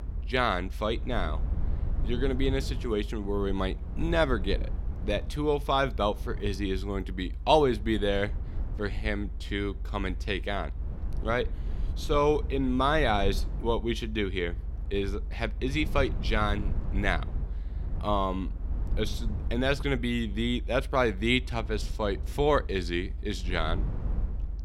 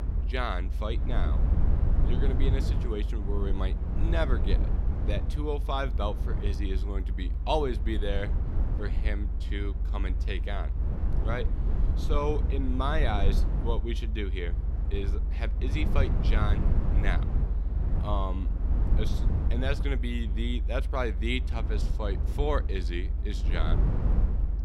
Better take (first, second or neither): first